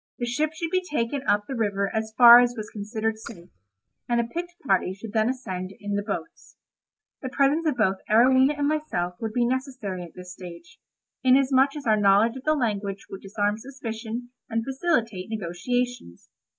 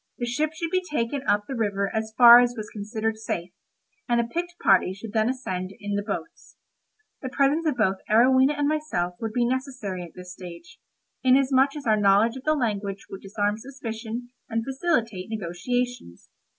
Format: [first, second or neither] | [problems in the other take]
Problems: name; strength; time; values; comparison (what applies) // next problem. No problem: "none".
second | noise reduction (neural mask model DeepFilterNet 3)